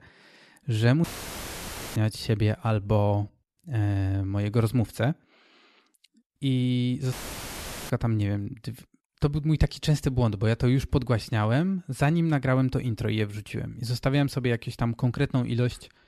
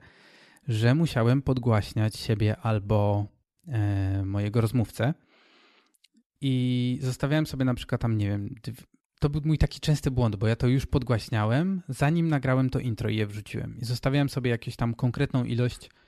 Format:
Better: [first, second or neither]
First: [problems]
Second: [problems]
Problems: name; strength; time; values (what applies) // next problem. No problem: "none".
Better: second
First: audio cutting out; filled with static; at 1 s for 1 s and at 7 s for 1 s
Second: none